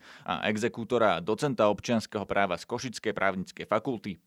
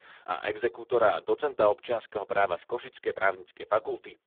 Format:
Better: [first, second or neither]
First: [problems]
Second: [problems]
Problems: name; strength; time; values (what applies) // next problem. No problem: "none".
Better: first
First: none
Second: phone-call audio; poor line